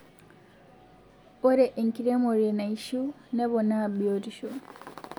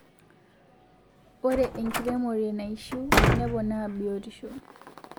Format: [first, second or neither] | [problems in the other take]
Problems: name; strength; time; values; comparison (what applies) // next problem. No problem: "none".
first | background sound (Slam); 2 dB above the speech